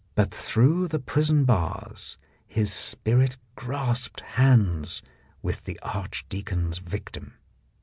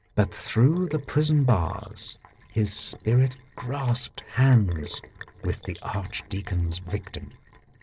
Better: first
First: none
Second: noise reduction (neural separator model SepFormer DNS4)

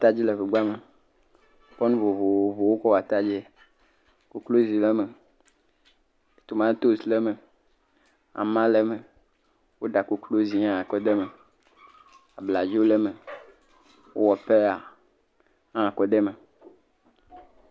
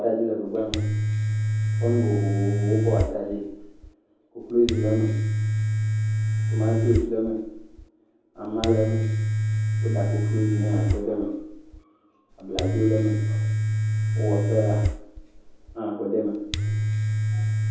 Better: first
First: none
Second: background sound (Domestic sounds, home sounds); 3 dB above the speech // room echo; dies away in 0.9 s

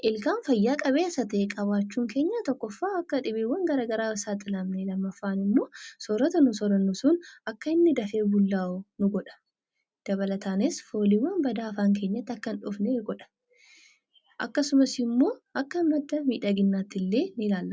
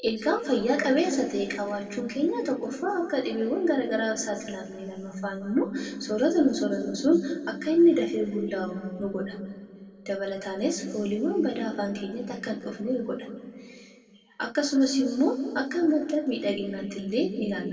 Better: first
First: none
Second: room echo; dies away in 2.1 s

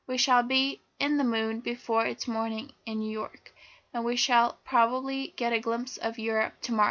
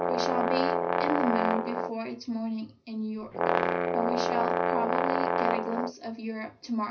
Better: first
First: none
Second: background sound (Brass instrument); 4 dB above the speech // room echo; dies away in 0.4 s

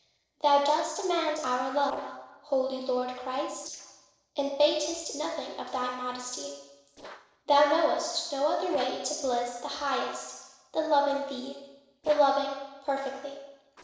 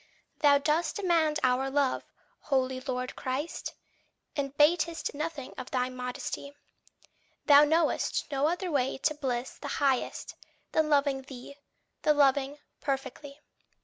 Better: second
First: noise reduction (neural separator model SepFormer DNS4)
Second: none

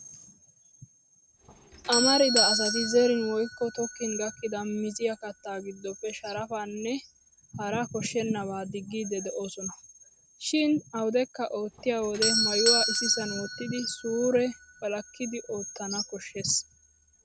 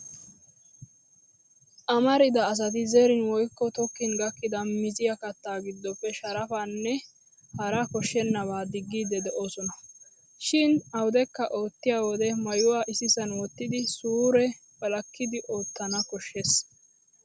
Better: second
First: background sound (Doorbell); 4 dB below the speech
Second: none

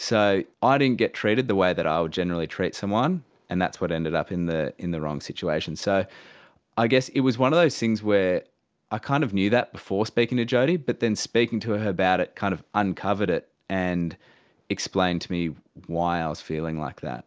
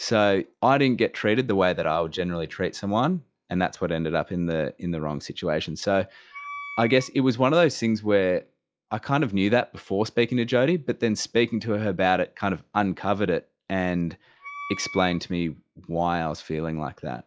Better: first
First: none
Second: noise reduction (classical method log-MMSE)

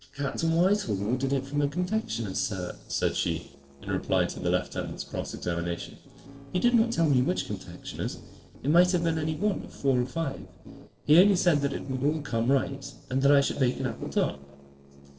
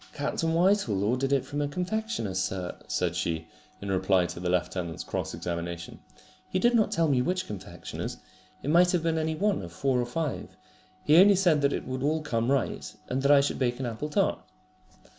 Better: second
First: noise reduction (neural separator model SepFormer DNS4)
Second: none

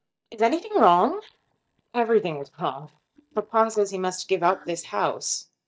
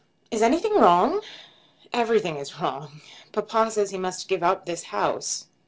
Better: second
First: noise reduction (neural mask model DeepFilterNet 3)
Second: none

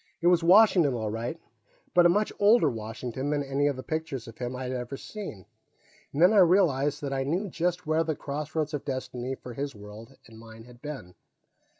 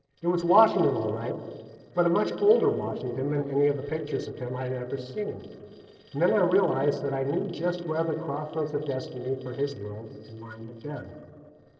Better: first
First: none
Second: noise reduction (neural separator model SepFormer DNS4)

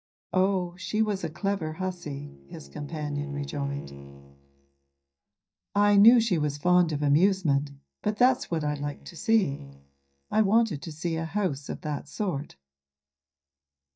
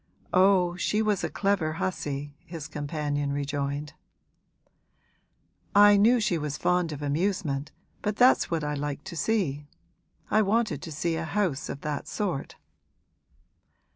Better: second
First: noise reduction (neural mask model DeepFilterNet 3)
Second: none

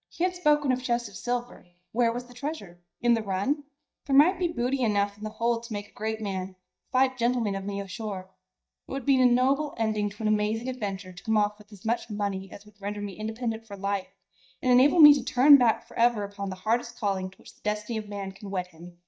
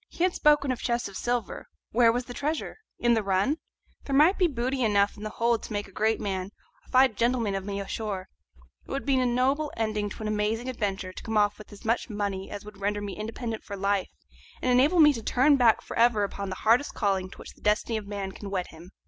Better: second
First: noise reduction (neural mask model DeepFilterNet 3)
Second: none

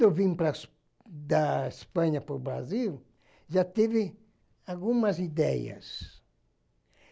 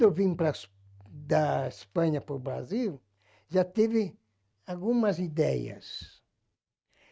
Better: first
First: none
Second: noise reduction (neural mask model RNNoise)

